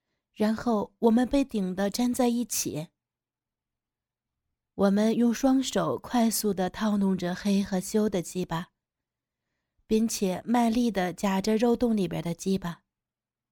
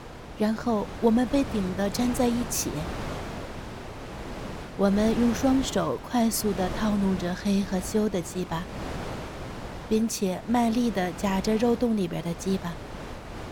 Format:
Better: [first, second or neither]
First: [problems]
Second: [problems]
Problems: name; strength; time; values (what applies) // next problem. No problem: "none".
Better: first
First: none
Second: wind noise on the microphone; heavy; 10 dB below the speech